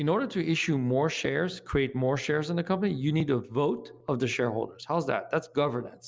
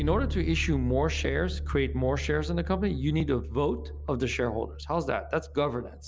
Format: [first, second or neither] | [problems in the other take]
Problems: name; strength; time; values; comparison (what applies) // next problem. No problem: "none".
first | background sound (Bass guitar); 5 dB below the speech